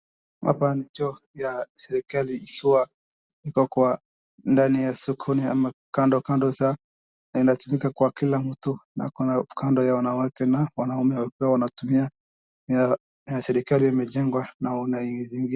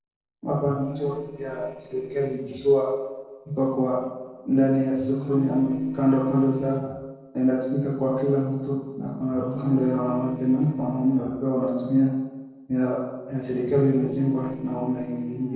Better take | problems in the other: first | noise reduction (neural separator model SepFormer DNS4)

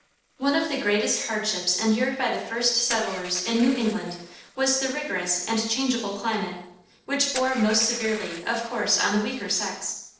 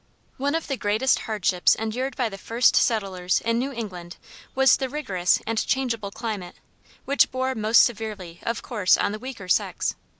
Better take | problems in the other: second | noise reduction (neural separator model SepFormer DNS4)

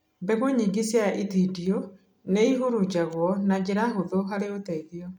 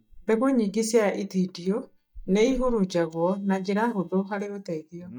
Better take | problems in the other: first | noise reduction (neural mask model DeepFilterNet 3)

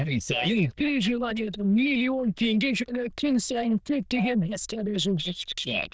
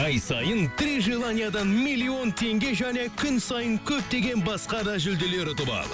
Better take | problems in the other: second | noise reduction (neural diffusion model UNIVERSE++)

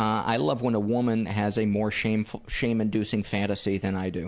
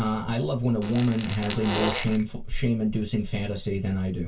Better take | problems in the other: first | background sound (Fart); 7 dB below the speech // room echo; dies away in 0.1 s

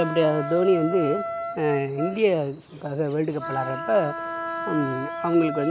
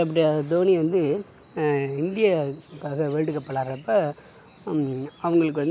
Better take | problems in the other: second | background sound (Wind instrument, woodwind instrument); 8 dB below the speech

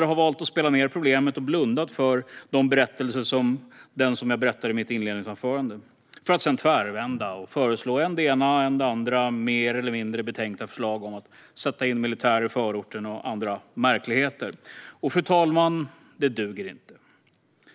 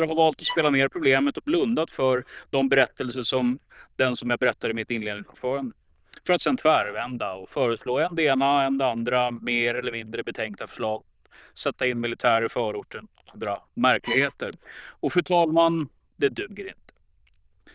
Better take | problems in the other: first | noise reduction (neural diffusion model UNIVERSE++)

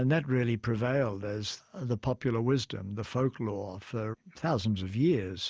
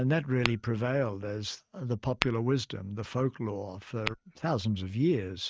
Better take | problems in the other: first | noise reduction (neural mask model RNNoise)

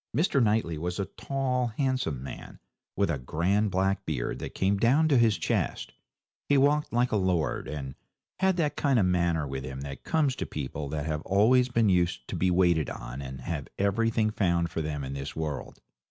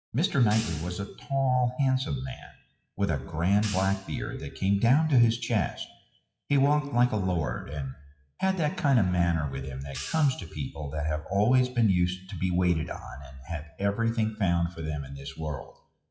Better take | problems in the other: first | noise reduction (classical method WPE with log-MMSE)

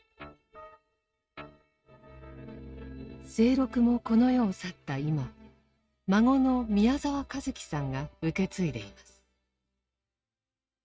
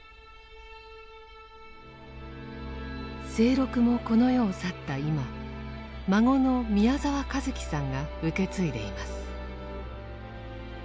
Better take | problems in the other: second | noise reduction (neural mask model RNNoise)

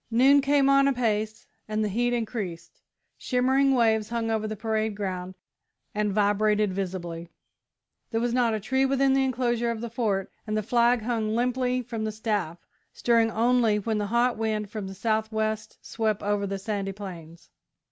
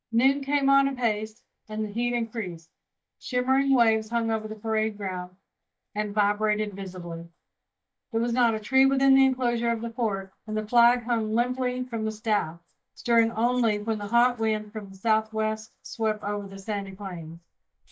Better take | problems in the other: first | noise reduction (neural mask model DeepFilterNet 3)

